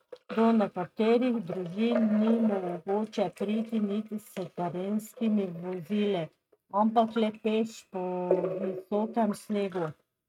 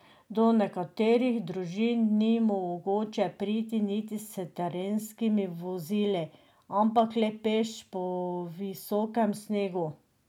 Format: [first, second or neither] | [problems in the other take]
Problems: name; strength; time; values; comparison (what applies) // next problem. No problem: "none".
second | noise reduction (neural mask model RNNoise)